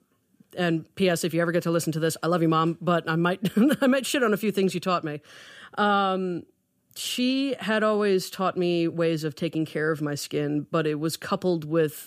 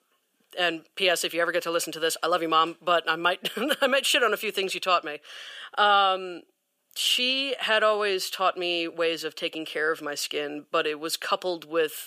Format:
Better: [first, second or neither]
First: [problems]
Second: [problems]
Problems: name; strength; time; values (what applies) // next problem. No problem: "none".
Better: first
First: none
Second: thin; very; fading below 650 Hz